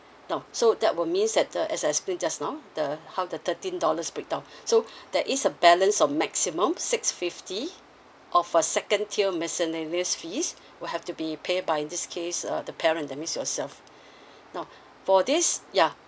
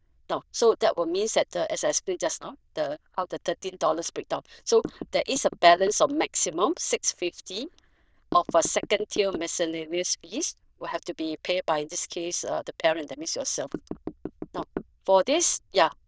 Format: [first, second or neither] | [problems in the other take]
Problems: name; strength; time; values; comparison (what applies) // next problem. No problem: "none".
first | noise reduction (neural diffusion model UNIVERSE++)